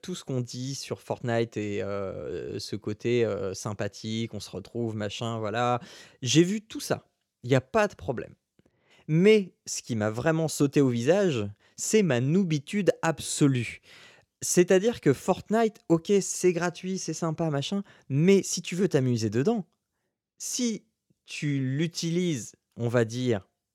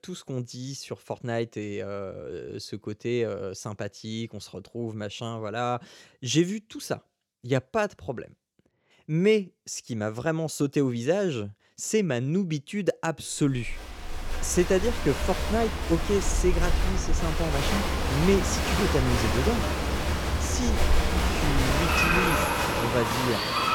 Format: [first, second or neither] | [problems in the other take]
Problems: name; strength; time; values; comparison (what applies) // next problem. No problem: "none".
first | crowd noise; very loud; from 14 s on; 2 dB above the speech